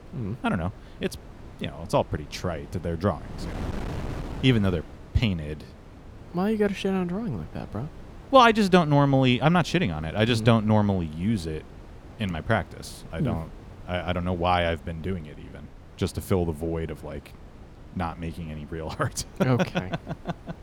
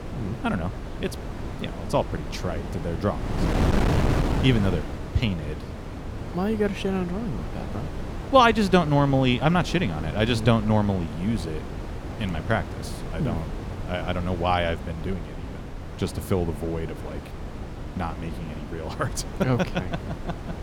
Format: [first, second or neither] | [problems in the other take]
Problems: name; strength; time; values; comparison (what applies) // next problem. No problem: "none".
first | wind noise on the microphone; heavy; 10 dB below the speech; occasional gusts in the first